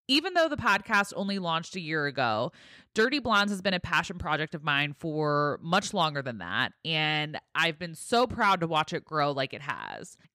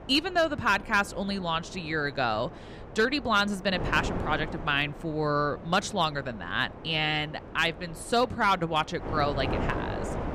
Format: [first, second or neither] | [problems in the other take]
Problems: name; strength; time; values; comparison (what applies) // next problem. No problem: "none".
first | wind noise on the microphone; occasional gusts; 15 dB below the speech